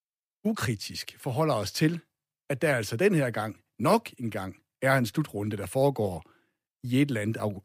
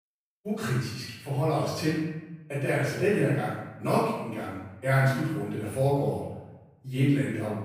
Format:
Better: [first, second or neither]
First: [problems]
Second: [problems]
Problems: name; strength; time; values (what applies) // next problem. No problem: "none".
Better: first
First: none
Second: off-mic speech; far // room echo; strong; dies away in 0.9 s